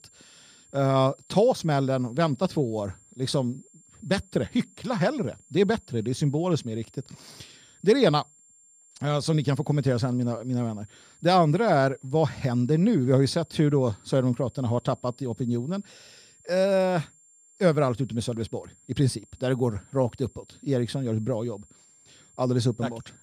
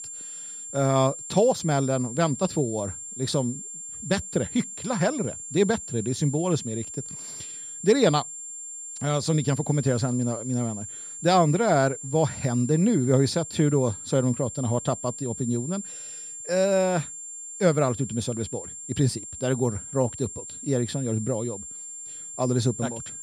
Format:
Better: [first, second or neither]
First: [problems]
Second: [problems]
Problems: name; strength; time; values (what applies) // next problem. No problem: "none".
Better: first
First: high-pitched whine; faint; throughout; 7.5 kHz, 30 dB below the speech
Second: high-pitched whine; loud; throughout; 7.5 kHz, 10 dB below the speech